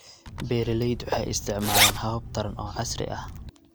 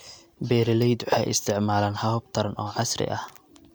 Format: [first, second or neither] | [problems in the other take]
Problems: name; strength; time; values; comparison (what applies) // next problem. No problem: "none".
second | background sound (Zipper (clothing)); as loud as the speech